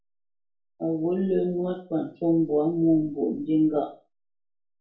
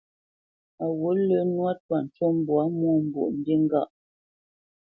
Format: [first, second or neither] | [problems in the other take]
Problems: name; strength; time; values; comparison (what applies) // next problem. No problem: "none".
second | room echo; dies away in 0.3 s